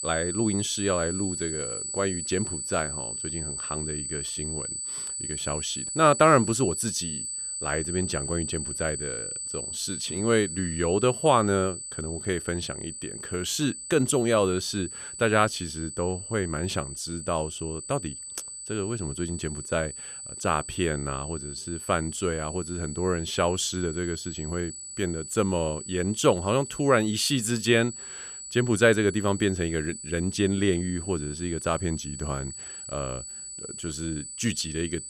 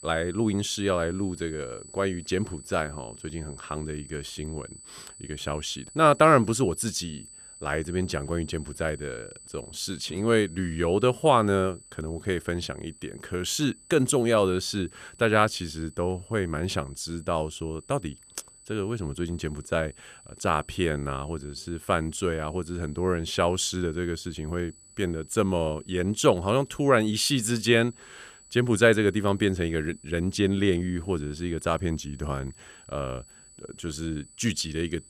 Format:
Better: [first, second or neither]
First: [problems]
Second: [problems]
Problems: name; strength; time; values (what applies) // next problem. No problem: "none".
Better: second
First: high-pitched whine; loud; throughout; 8 kHz, 6 dB below the speech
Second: high-pitched whine; faint; throughout; 8 kHz, 20 dB below the speech